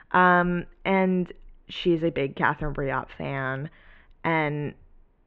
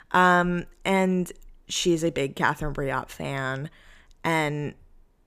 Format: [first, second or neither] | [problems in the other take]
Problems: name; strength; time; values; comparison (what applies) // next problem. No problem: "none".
second | muffled; very; fading above 3 kHz